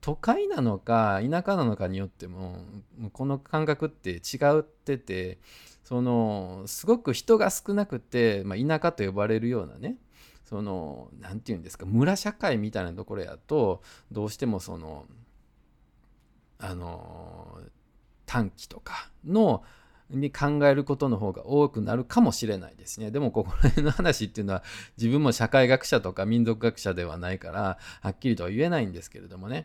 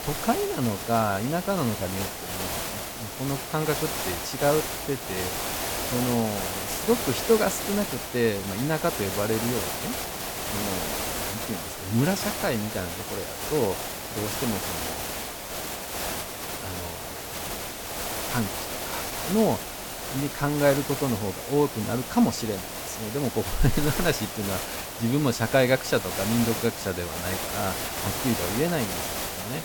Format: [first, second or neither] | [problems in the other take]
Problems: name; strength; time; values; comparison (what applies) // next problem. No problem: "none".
first | hiss; loud; throughout; 3 dB below the speech